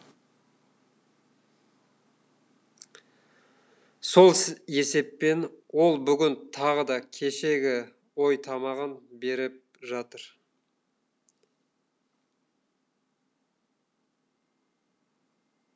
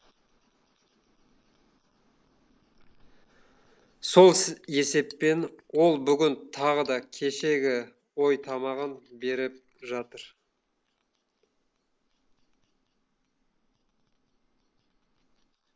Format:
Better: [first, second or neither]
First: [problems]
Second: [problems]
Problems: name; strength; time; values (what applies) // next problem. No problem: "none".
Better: first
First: none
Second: noise reduction (neural mask model Resemble Enhance denoiser)